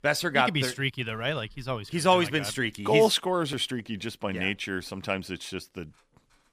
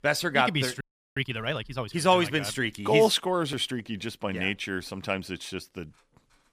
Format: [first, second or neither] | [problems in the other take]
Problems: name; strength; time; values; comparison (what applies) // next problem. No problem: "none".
first | audio freezing; at 1 s